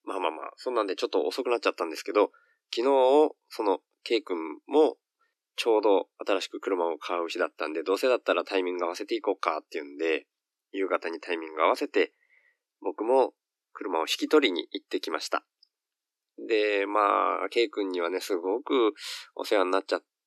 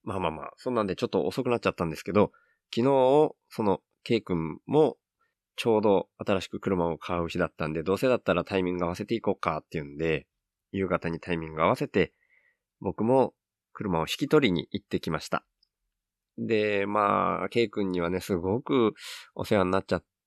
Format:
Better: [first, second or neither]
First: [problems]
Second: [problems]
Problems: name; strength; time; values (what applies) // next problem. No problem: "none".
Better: second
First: thin; somewhat; fading below 300 Hz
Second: none